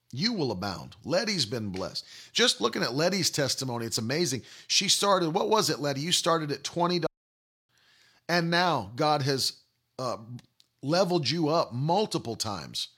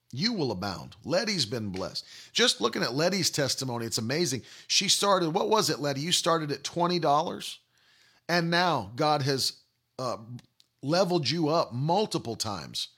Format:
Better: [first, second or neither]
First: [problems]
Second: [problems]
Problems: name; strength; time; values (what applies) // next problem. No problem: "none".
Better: second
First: audio cutting out; at 7 s for 0.5 s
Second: none